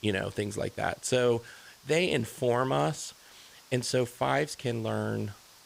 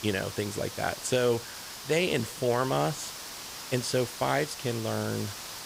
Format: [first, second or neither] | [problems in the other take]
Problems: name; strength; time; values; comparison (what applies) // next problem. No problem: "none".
first | hiss; loud; throughout; 9 dB below the speech; faint in the first